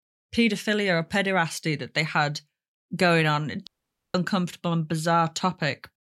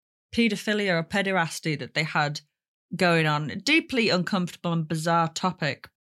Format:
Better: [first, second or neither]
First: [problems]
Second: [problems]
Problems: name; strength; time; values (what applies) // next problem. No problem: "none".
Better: second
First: audio cutting out; at 3.5 s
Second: none